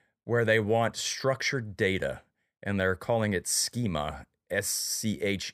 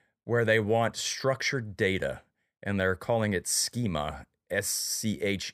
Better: neither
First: none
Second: none

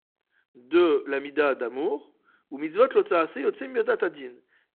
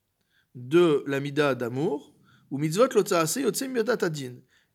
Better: second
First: phone-call audio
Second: none

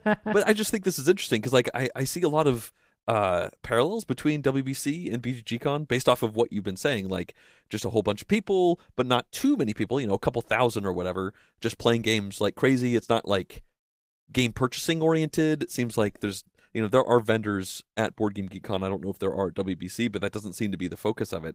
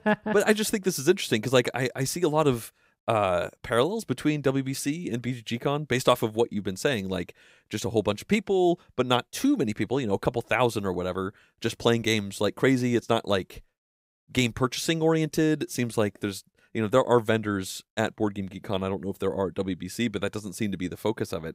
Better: second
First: garbled, watery; slightly; nothing above 15.5 kHz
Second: none

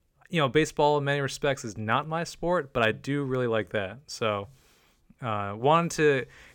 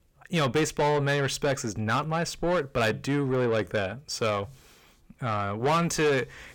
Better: first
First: none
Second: distortion; heavy; 8 dB below the speech

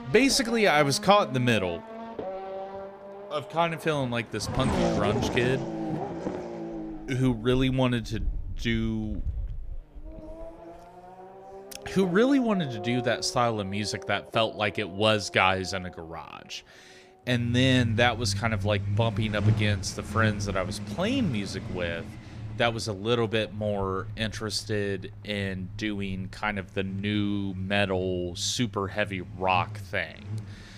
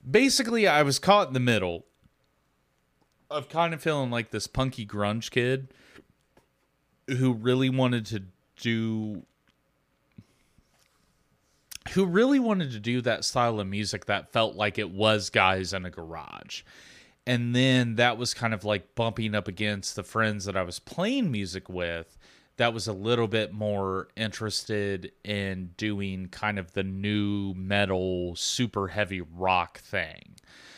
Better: second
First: traffic noise; loud; throughout; 9 dB below the speech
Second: none

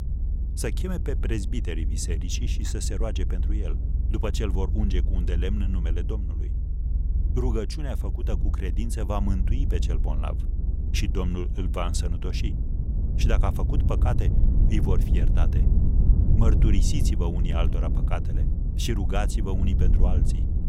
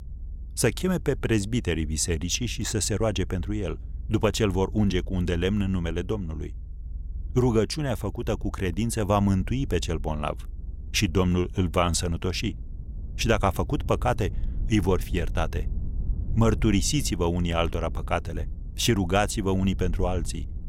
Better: second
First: low rumble; loud; throughout; 7 dB below the speech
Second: low rumble; faint; throughout; 25 dB below the speech

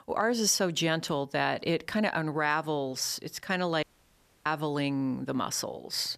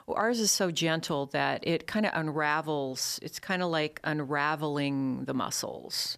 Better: second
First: audio cutting out; at 4 s for 0.5 s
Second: none

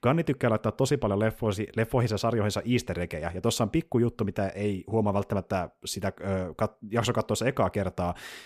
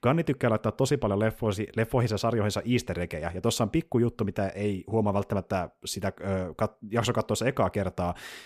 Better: neither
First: none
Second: none

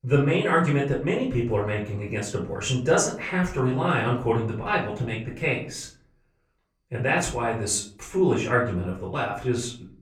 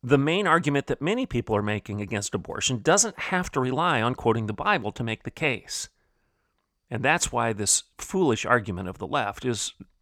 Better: second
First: off-mic speech; far // room echo; slight; dies away in 0.5 s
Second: none

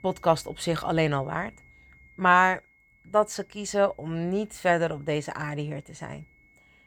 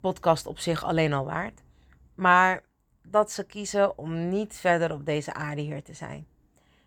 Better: second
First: high-pitched whine; faint; throughout; 2 kHz, 30 dB below the speech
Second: none

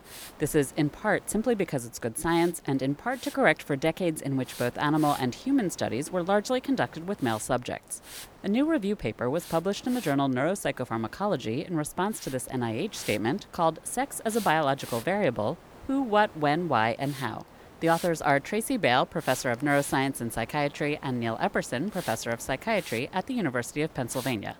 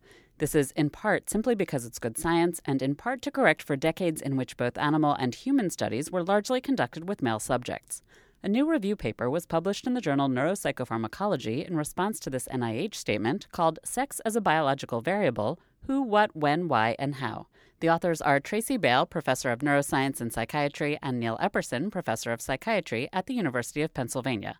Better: second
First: hiss; noticeable; throughout; 20 dB below the speech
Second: none

